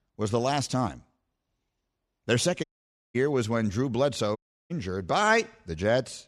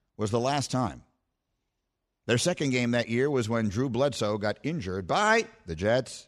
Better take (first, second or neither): second